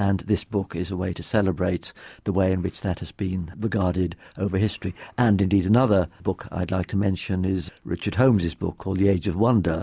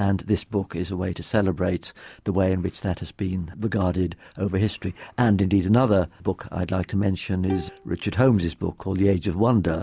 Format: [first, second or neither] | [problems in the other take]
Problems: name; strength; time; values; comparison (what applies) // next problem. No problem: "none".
first | background sound (Bowed string instrument); 18 dB below the speech